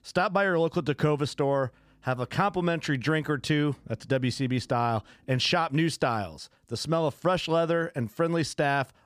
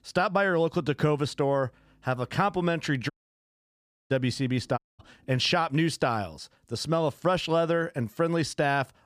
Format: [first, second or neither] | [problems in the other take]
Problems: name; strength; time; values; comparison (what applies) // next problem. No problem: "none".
first | audio cutting out; at 3 s for 1 s and at 5 s